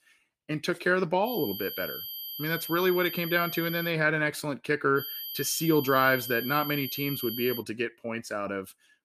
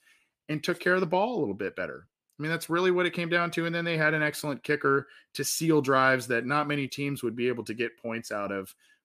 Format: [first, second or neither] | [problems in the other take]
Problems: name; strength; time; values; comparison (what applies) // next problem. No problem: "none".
second | high-pitched whine; loud; from 1.5 to 4 s and from 5 to 7.5 s; 12 kHz, 7 dB below the speech